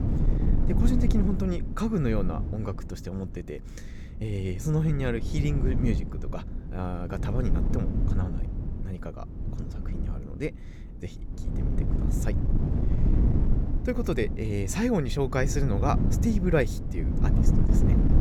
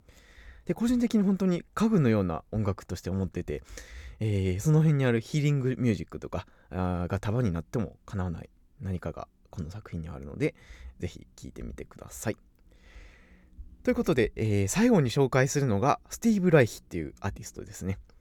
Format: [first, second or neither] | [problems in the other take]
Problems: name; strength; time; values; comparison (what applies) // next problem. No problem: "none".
second | wind noise on the microphone; heavy; 6 dB below the speech